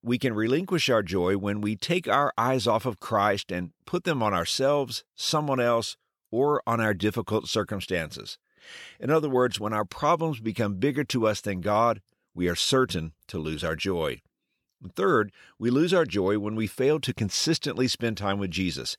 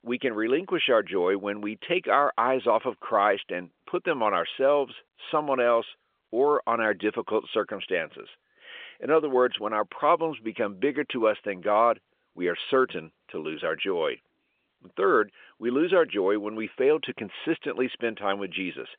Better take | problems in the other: first | phone-call audio; nothing above 3.5 kHz

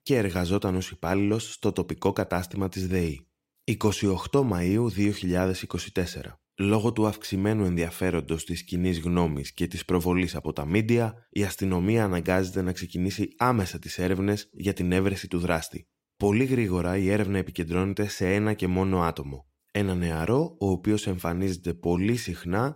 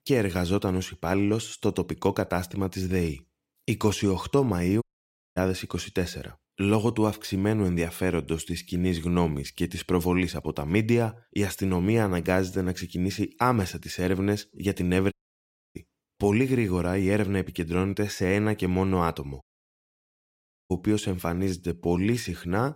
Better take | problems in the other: first | audio cutting out; at 5 s for 0.5 s, at 15 s for 0.5 s and at 19 s for 1.5 s

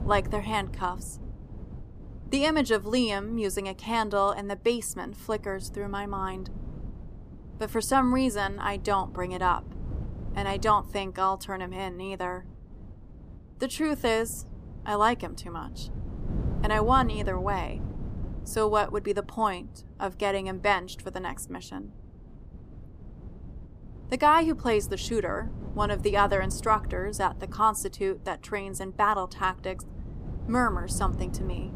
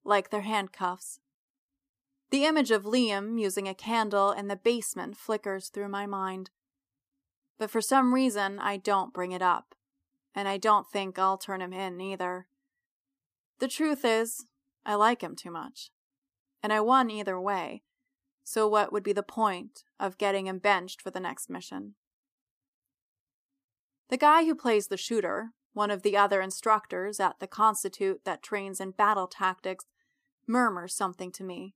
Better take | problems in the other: second | wind noise on the microphone; occasional gusts; 25 dB below the speech

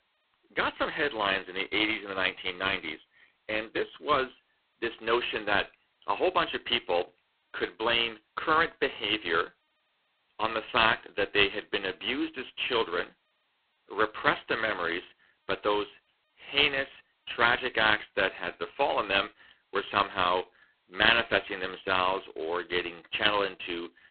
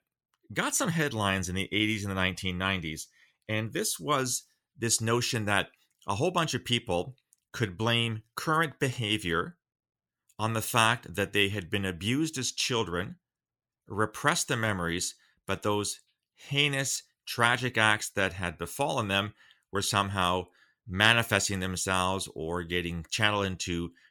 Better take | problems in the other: second | phone-call audio; poor line

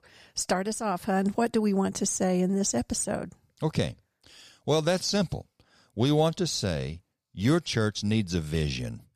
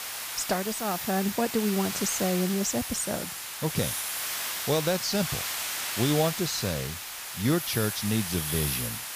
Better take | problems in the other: first | hiss; loud; throughout; 2 dB below the speech

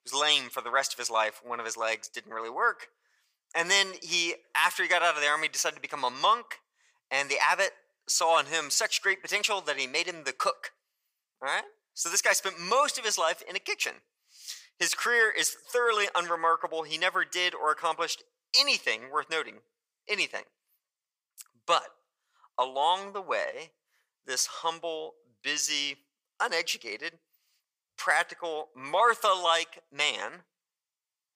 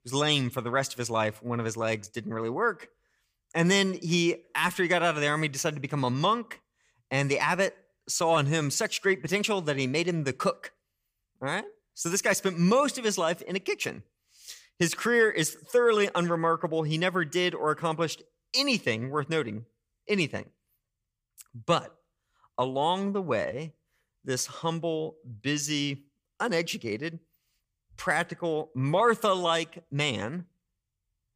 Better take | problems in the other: second | thin; very; fading below 800 Hz

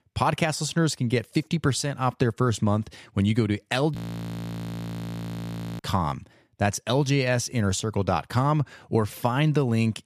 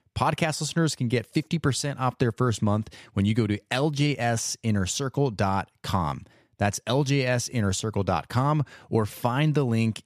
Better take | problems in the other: second | audio freezing; at 4 s for 2 s

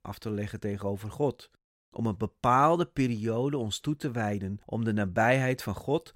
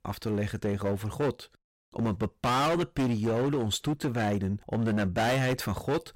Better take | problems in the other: first | distortion; heavy; 18% of the sound clipped

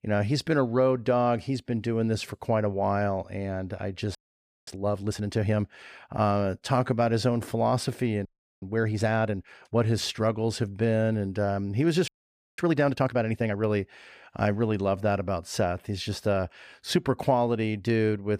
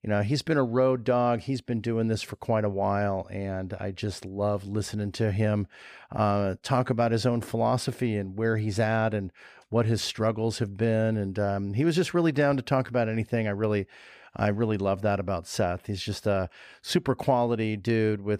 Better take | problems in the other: second | audio freezing; at 4 s for 0.5 s, at 8.5 s and at 12 s for 0.5 s

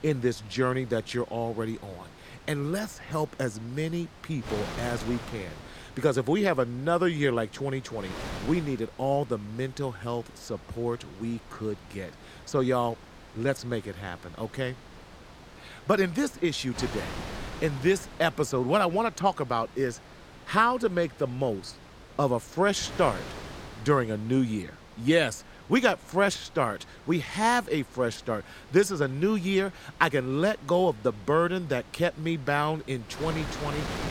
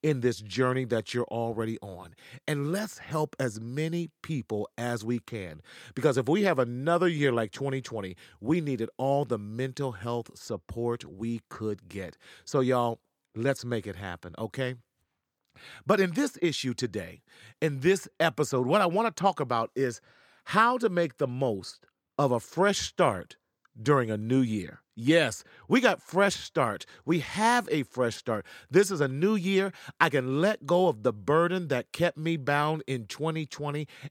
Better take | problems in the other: second | wind noise on the microphone; occasional gusts; 15 dB below the speech

